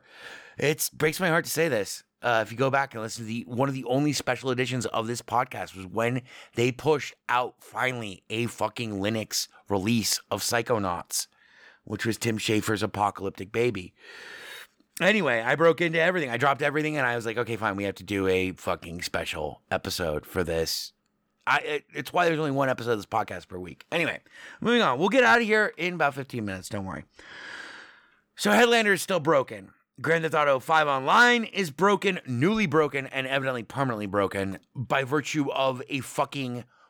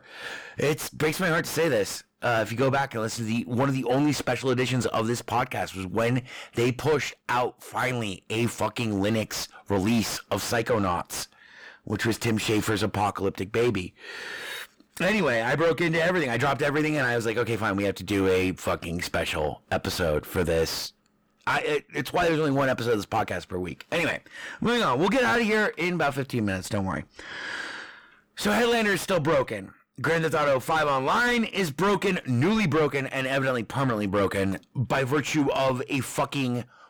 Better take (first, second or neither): first